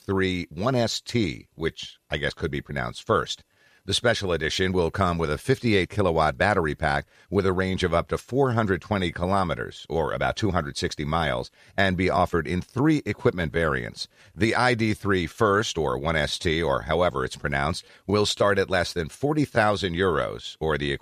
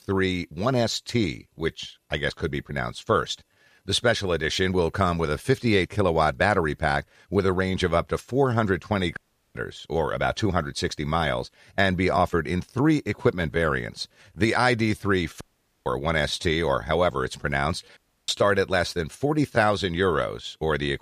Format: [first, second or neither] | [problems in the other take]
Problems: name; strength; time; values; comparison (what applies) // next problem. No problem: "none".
first | audio cutting out; at 9 s, at 15 s and at 18 s